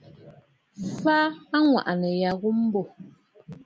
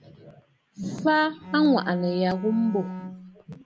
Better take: first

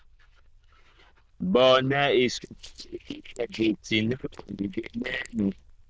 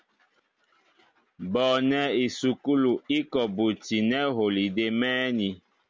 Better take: second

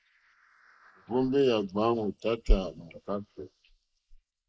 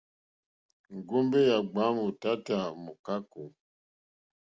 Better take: second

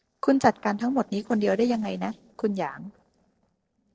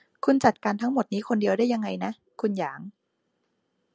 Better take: second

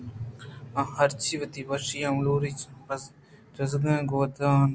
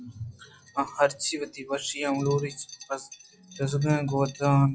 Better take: first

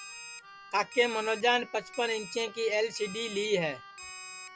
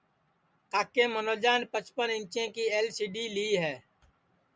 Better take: second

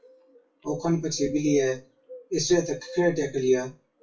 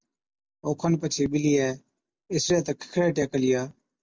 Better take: second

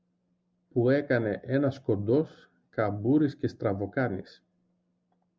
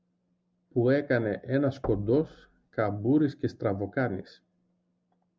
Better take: first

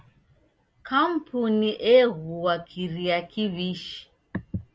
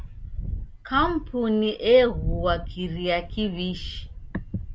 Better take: first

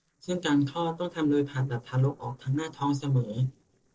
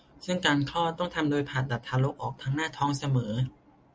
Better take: second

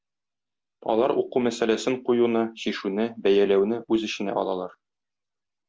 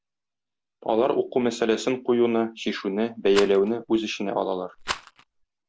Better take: first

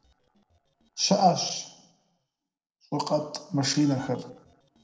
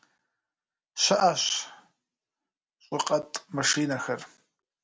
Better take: second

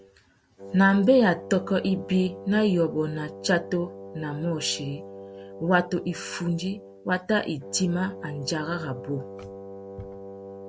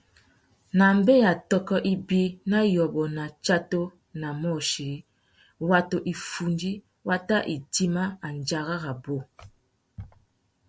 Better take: second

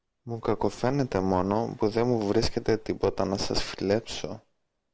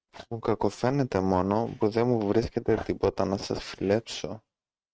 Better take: first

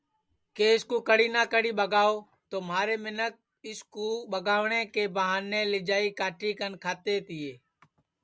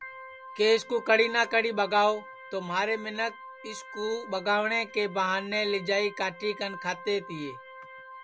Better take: first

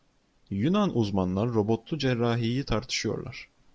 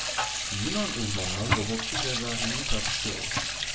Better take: first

